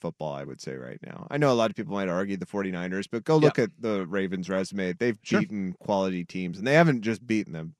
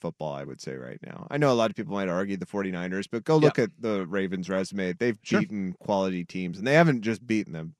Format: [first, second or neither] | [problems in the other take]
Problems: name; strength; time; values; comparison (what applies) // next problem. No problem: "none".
neither | none